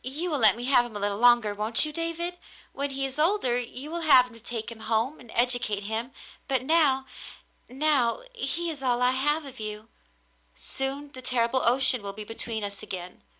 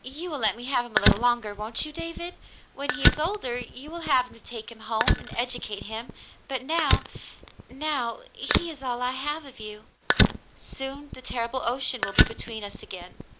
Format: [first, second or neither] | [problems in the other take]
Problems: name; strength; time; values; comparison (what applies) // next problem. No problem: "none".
first | background sound (Fire); 2 dB above the speech